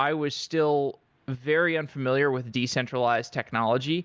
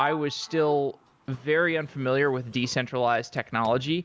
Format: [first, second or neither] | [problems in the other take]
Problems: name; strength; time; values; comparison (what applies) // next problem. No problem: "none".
first | background sound (Sliding door); 17 dB below the speech